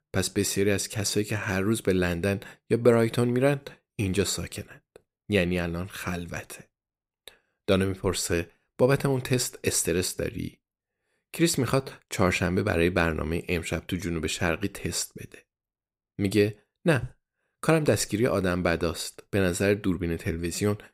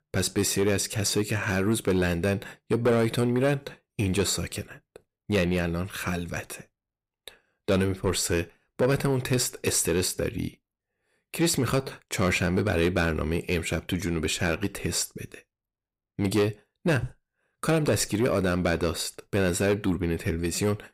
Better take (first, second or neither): first